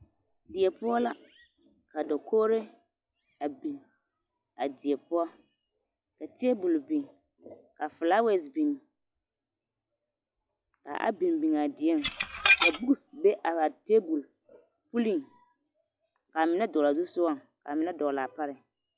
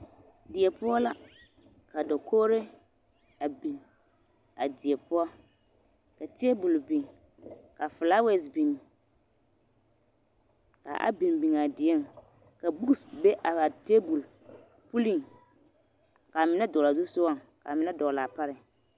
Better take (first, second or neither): second